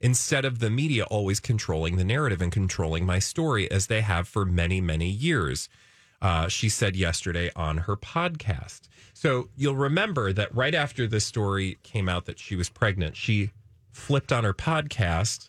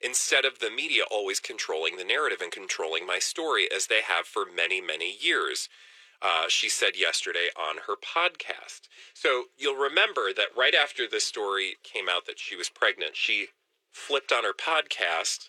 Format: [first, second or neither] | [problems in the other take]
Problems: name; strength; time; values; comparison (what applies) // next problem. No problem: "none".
first | thin; very; fading below 400 Hz